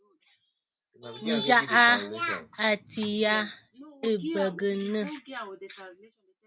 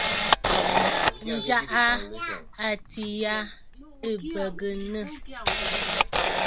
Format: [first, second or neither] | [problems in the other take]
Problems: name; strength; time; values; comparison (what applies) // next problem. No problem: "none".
first | background sound (Camera); 2 dB above the speech